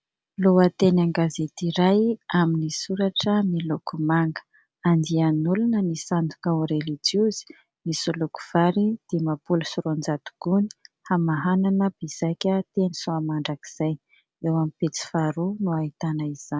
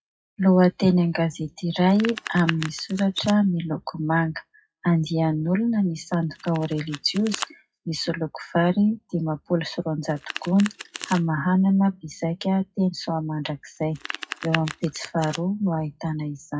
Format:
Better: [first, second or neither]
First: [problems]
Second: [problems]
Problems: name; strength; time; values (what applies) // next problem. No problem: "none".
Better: first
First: none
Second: noise reduction (classical method WPE with log-MMSE)